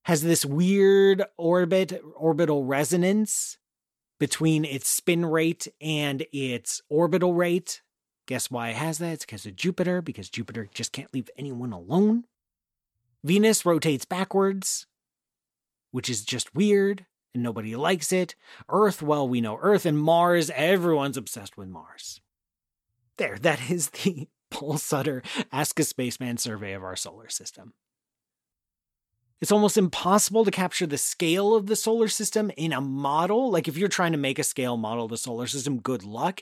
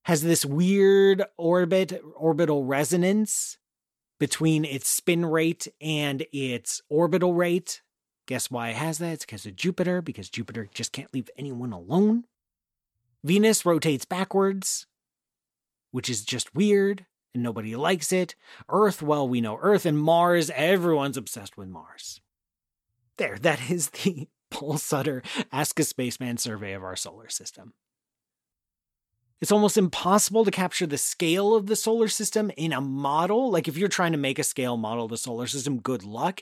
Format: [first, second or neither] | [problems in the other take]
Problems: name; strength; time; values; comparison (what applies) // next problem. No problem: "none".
neither | none